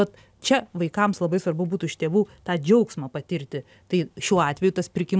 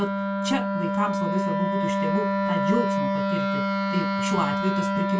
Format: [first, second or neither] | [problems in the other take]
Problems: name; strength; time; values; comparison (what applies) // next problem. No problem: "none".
first | background sound (Wind instrument, woodwind instrument); 5 dB above the speech // room echo; dies away in 0.2 s